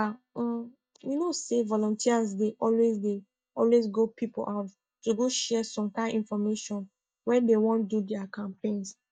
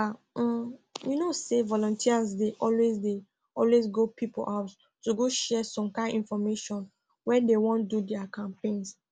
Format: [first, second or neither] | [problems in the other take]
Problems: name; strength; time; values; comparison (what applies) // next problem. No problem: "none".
second | noise reduction (neural mask model DeepFilterNet 3)